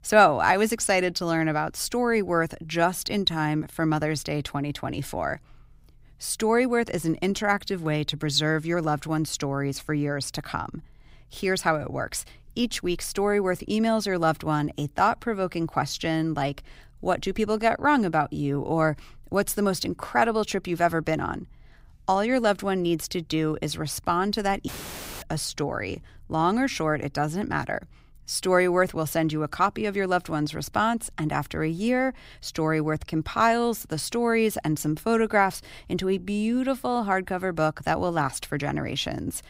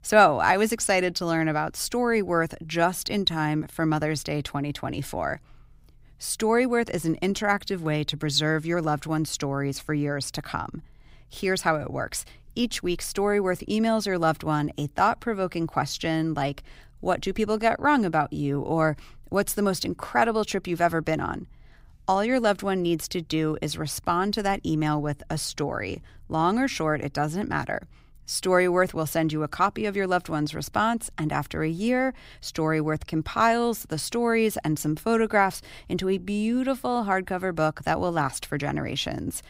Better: second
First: audio cutting out; filled with static; at 25 s for 0.5 s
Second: none

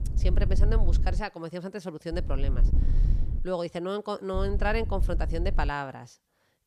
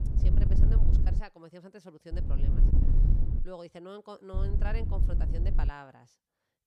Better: first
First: wind noise on the microphone; occasional gusts; until 1 s, from 2 to 3.5 s and from 4.5 to 5.5 s; 15 dB below the speech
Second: wind noise on the microphone; heavy; until 1 s, from 2 to 3.5 s and from 4.5 to 5.5 s; as loud as the speech

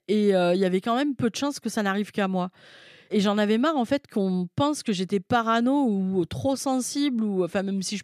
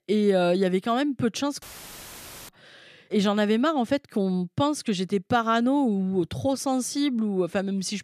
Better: first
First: none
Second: audio cutting out; filled with static; at 1.5 s for 1 s

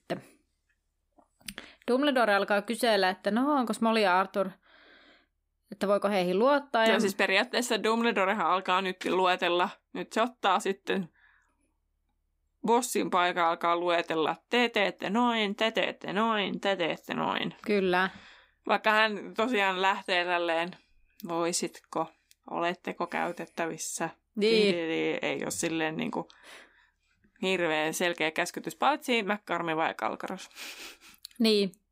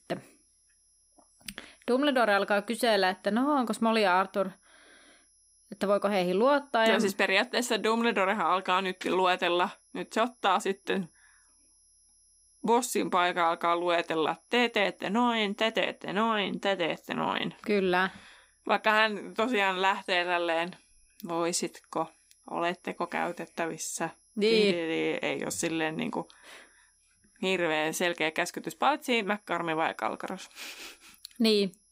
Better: first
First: none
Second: high-pitched whine; faint; throughout; 11 kHz, 35 dB below the speech

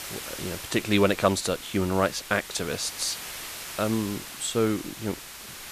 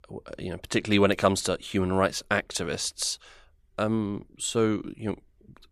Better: second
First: hiss; noticeable; throughout; 10 dB below the speech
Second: none

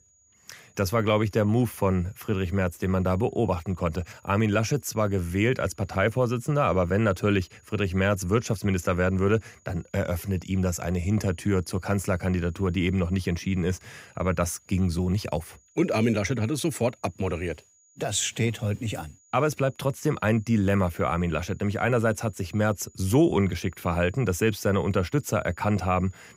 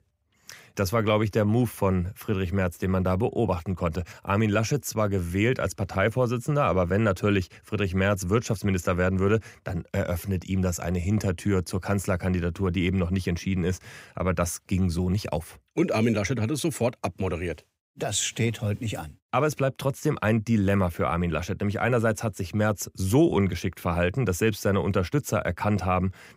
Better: second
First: high-pitched whine; faint; throughout; 7 kHz, 30 dB below the speech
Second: none

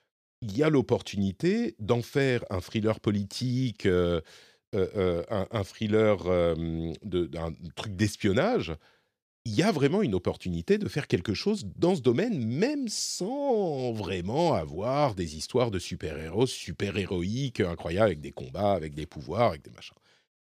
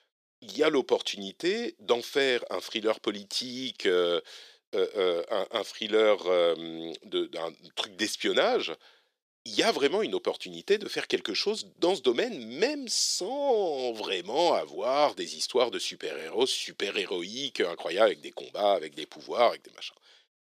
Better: first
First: none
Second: thin; somewhat; fading below 350 Hz

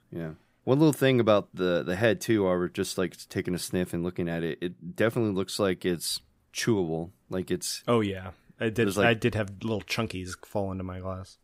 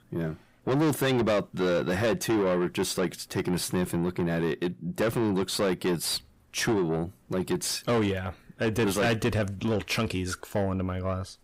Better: first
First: none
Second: distortion; heavy; 6 dB below the speech

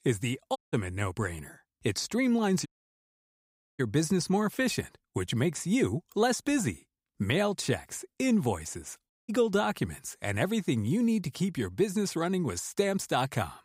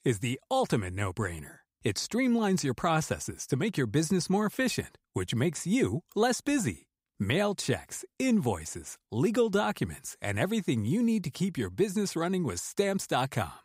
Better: second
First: audio cutting out; at 0.5 s, at 2.5 s for 1 s and at 9 s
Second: none

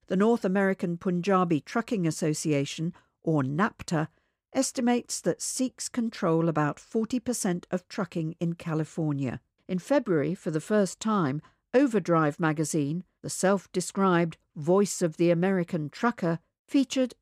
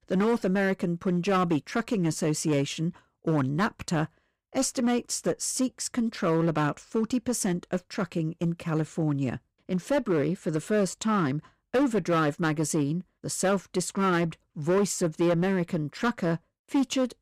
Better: first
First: none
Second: distortion; slight; 7% of the sound clipped

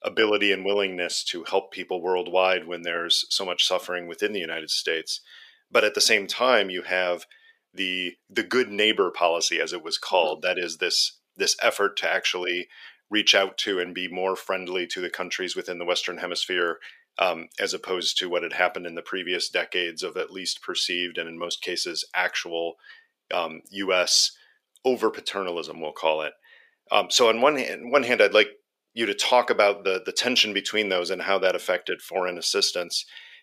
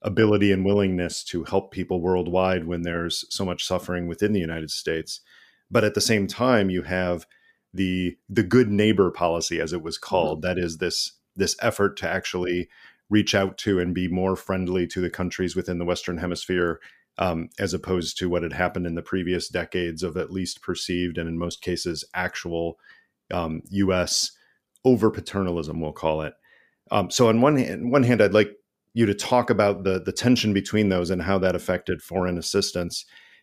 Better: second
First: thin; somewhat; fading below 550 Hz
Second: none

